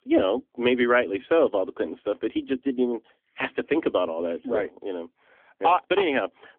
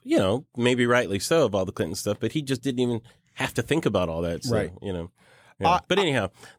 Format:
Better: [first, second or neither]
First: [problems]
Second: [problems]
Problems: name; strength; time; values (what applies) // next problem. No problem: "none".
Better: second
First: phone-call audio; nothing above 3.5 kHz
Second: none